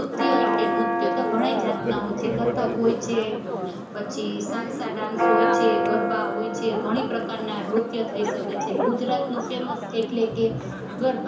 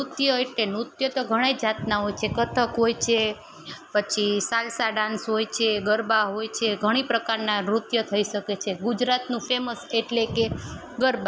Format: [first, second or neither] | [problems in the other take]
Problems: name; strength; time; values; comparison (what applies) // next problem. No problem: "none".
second | background sound (Church bell); 1 dB above the speech // room echo; dies away in 0.7 s